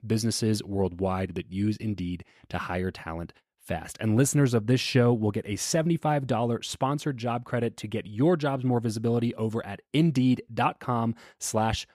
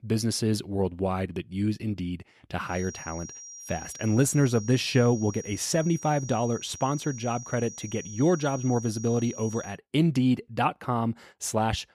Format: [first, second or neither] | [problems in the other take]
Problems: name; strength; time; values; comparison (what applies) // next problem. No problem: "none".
first | high-pitched whine; noticeable; from 2.5 to 9.5 s; 6 kHz, 15 dB below the speech